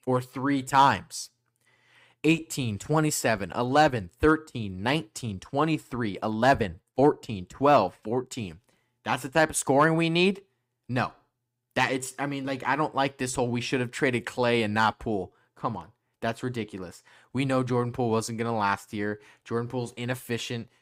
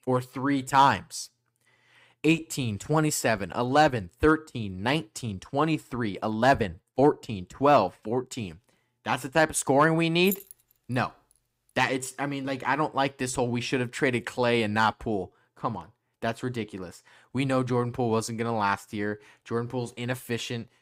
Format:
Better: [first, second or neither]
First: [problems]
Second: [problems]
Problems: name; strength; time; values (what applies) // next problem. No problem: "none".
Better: first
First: none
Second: jangling keys; noticeable; at 10 s; peak 9 dB below the speech